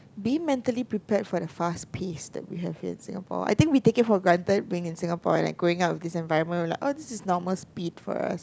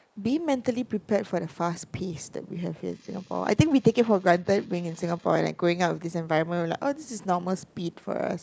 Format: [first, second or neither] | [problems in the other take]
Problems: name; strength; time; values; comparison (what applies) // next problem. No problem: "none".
first | noise reduction (neural mask model Resemble Enhance denoiser)